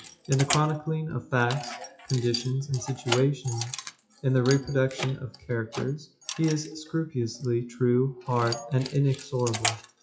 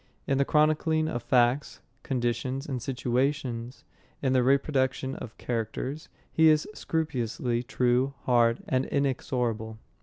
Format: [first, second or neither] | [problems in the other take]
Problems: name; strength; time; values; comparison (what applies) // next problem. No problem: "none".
second | noise reduction (classical method WPE with log-MMSE)